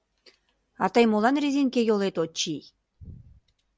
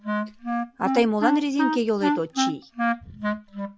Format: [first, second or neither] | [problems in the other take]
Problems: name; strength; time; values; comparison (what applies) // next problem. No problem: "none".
first | background sound (Wind instrument, woodwind instrument); as loud as the speech